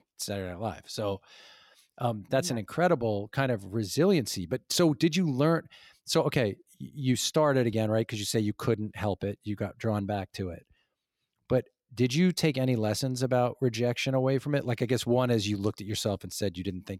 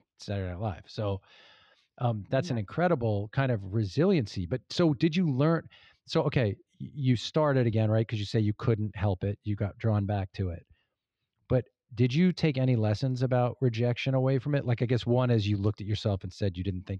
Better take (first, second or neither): first